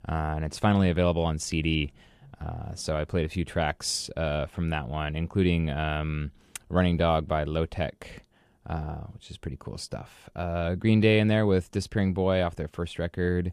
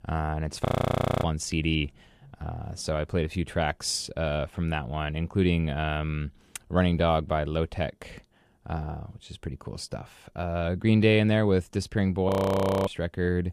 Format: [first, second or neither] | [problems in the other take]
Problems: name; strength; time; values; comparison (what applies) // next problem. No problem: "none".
first | audio freezing; at 0.5 s for 0.5 s and at 12 s for 0.5 s